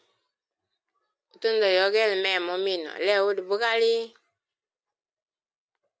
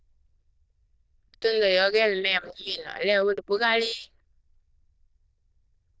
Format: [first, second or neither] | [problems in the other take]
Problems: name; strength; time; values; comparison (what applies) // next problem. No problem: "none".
first | noise reduction (neural diffusion model UNIVERSE++)